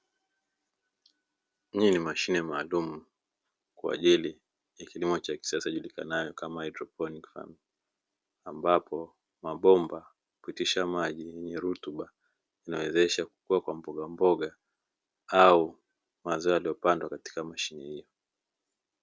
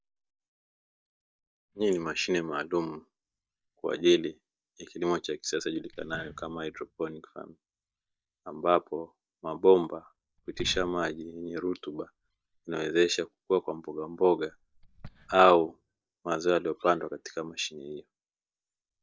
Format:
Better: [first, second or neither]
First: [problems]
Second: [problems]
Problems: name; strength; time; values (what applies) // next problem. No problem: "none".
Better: first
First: none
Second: noise reduction (neural mask model DeepFilterNet 3)